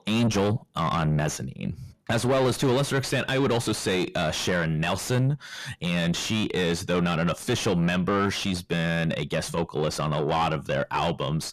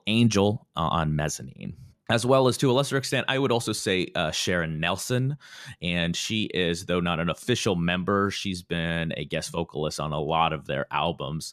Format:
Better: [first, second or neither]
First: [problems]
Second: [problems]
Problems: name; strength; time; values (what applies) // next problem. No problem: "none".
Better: second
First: distortion; heavy; 7 dB below the speech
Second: none